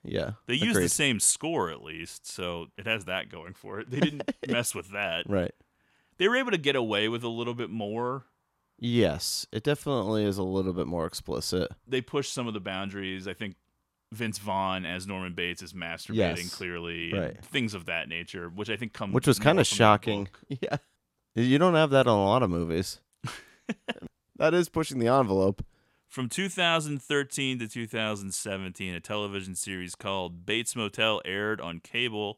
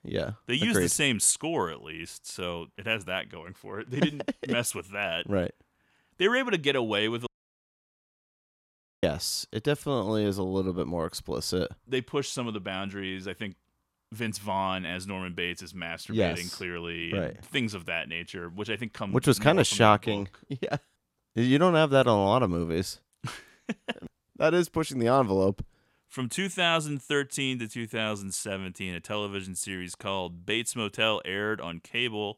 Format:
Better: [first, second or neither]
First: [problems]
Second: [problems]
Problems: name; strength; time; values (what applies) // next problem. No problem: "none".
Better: first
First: none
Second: audio cutting out; at 7.5 s for 2 s